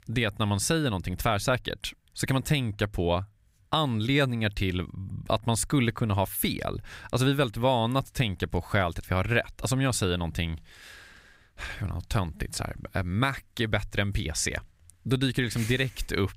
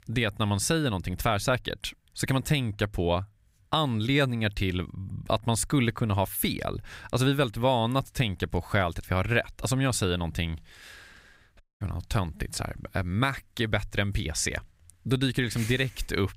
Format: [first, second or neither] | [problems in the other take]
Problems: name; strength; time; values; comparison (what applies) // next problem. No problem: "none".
first | audio cutting out; at 12 s